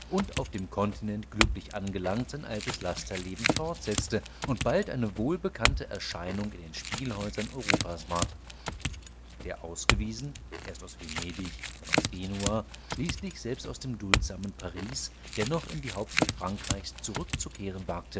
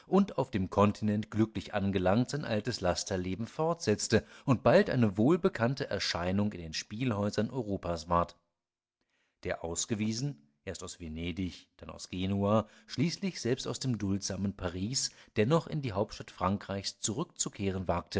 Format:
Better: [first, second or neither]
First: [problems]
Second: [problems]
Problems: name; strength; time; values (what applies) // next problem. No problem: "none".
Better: second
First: background sound (Chink, clink / Domestic sounds, home sounds); as loud as the speech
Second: none